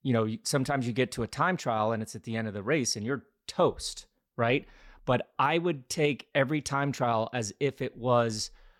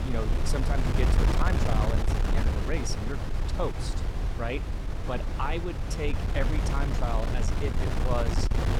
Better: first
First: none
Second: wind noise on the microphone; heavy; 1 dB below the speech

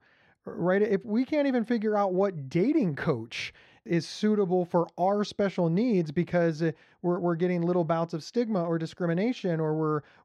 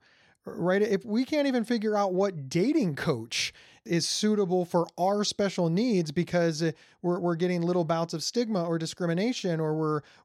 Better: second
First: muffled; slightly; fading above 4 kHz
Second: none

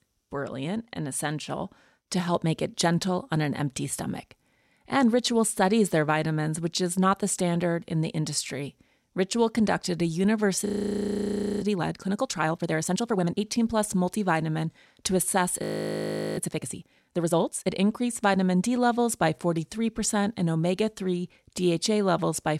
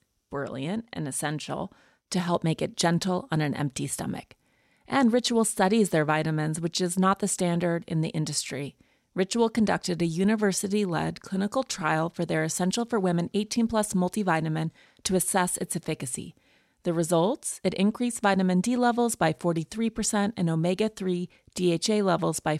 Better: second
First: audio freezing; at 11 s for 1 s and at 16 s for 1 s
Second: none

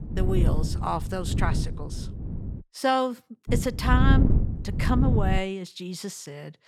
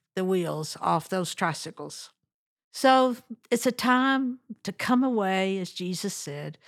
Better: second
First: wind noise on the microphone; heavy; until 2.5 s and from 3.5 to 5.5 s; 9 dB below the speech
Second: none

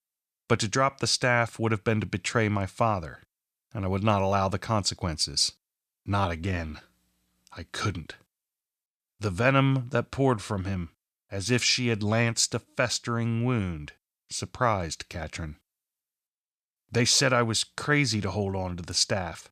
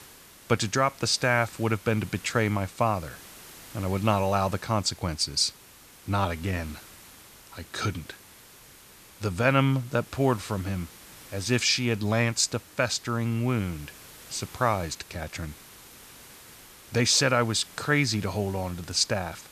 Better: first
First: none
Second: hiss; faint; throughout; 20 dB below the speech

